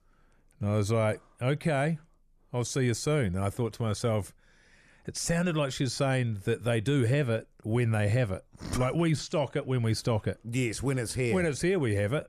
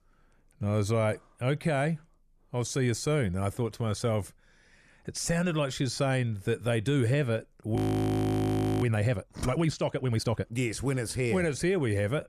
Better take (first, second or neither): first